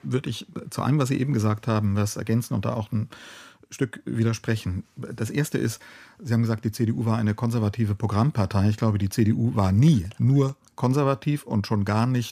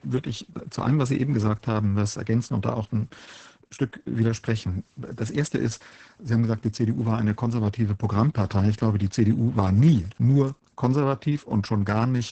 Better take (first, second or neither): first